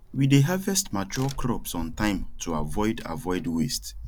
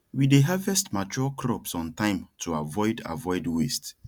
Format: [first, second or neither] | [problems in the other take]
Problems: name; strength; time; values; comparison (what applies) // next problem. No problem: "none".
second | background sound (Crack); 9 dB below the speech